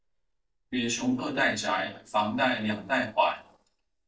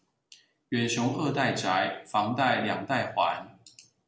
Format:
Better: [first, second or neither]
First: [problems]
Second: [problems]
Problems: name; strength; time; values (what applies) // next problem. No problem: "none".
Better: second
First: noise reduction (neural mask model DeepFilterNet 3)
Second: none